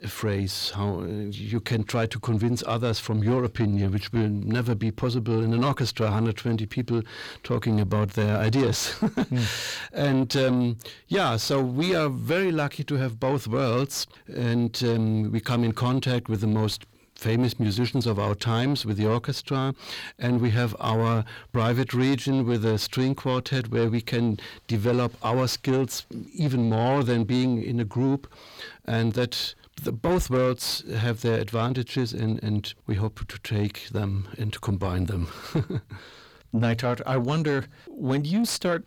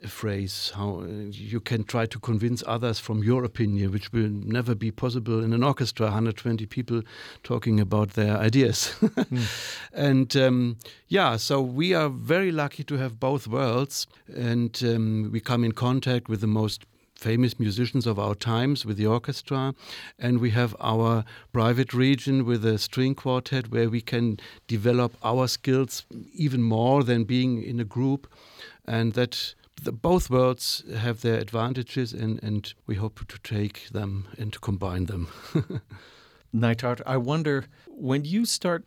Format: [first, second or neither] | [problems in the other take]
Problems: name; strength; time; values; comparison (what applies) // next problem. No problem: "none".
second | distortion; slight; 10 dB below the speech